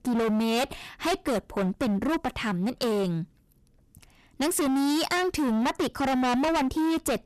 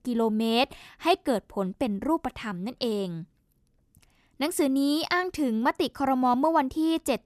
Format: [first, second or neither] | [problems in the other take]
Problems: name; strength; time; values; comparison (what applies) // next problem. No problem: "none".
second | distortion; heavy; 29% of the sound clipped